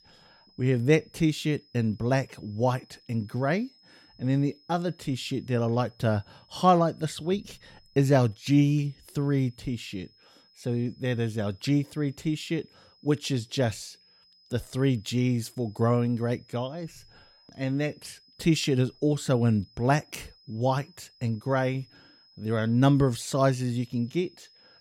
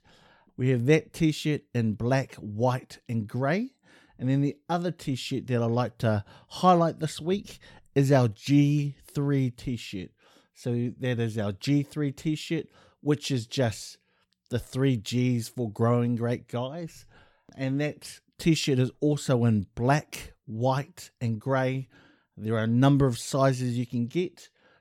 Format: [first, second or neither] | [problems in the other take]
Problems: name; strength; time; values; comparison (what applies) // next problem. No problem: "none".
second | high-pitched whine; faint; throughout; 5 kHz, 30 dB below the speech